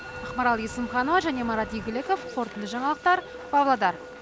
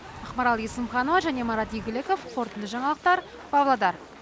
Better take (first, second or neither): second